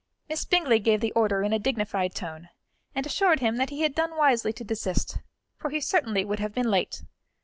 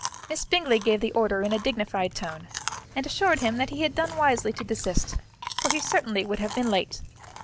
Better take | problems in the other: first | background sound (Chewing, mastication); 11 dB below the speech

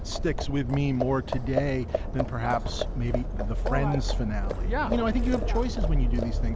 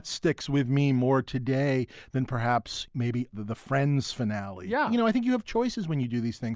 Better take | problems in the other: second | background sound (Livestock, farm animals, working animals); 2 dB above the speech

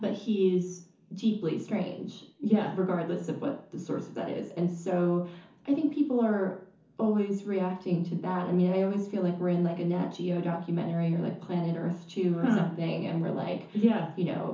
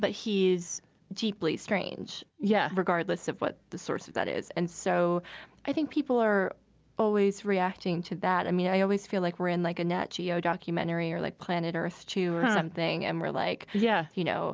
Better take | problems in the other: second | room echo; dies away in 0.9 s

